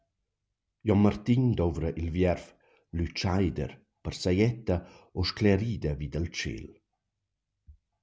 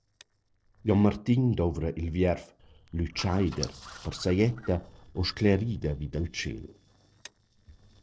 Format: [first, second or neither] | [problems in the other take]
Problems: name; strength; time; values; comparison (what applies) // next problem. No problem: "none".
first | noise reduction (neural separator model SepFormer DNS4)